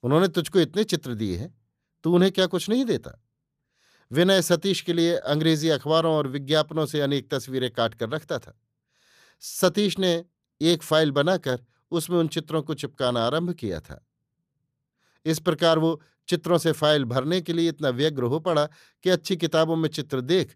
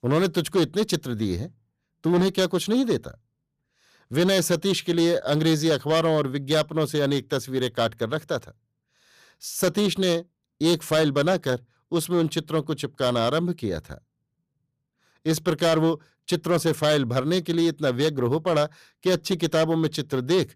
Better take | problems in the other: first | distortion; slight; 7% of the sound clipped

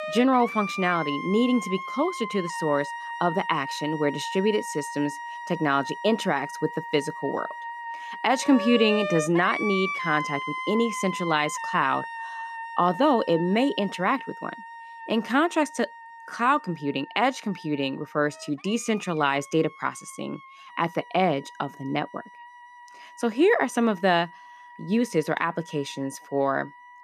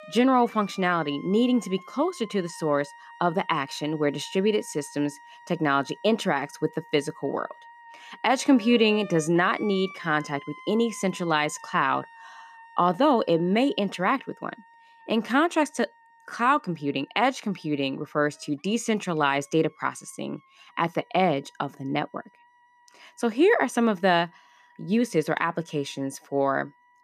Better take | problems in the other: second | background music; loud; throughout; 8 dB below the speech; faint in the second

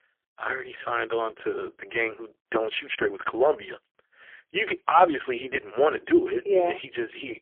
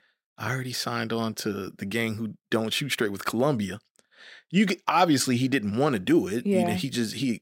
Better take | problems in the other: second | phone-call audio; poor line; nothing above 3.5 kHz

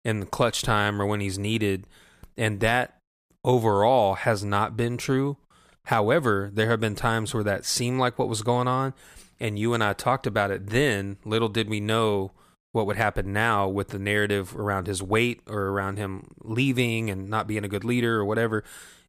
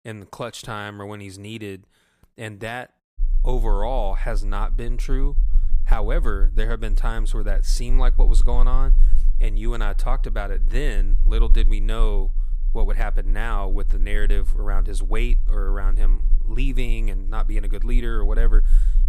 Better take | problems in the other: first | low rumble; faint; from 3 s on; 20 dB below the speech

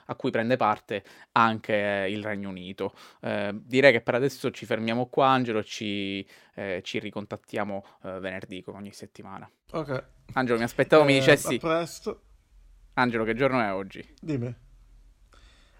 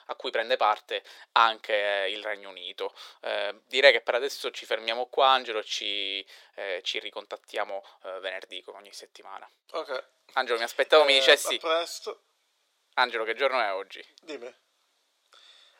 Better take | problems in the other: first | thin; very; fading below 450 Hz

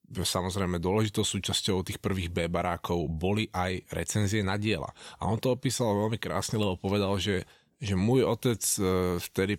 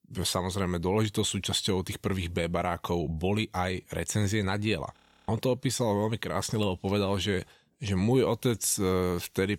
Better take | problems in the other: first | audio freezing; at 5 s

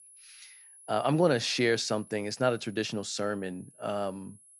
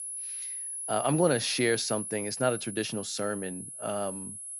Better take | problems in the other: first | high-pitched whine; loud; throughout; 10.5 kHz, 6 dB below the speech; faint in the first

